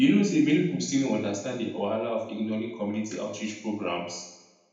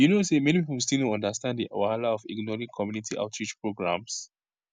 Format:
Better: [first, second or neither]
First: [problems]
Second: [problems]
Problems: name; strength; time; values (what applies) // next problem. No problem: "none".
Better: second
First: room echo; dies away in 0.9 s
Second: none